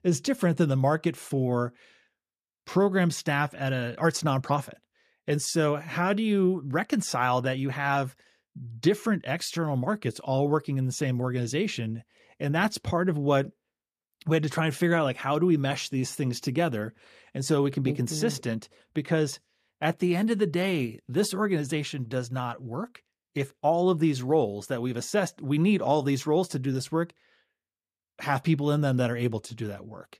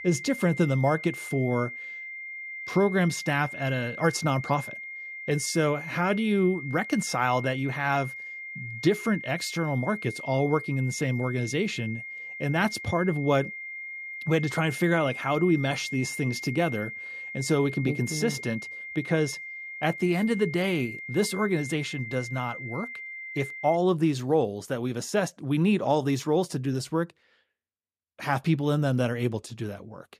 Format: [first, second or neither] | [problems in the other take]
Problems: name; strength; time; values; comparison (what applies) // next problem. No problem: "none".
first | high-pitched whine; loud; until 24 s; 2 kHz, 9 dB below the speech